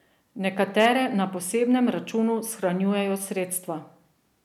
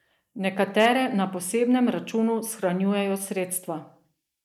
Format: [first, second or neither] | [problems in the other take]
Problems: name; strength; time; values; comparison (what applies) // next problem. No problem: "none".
first | noise reduction (neural mask model Resemble Enhance denoiser)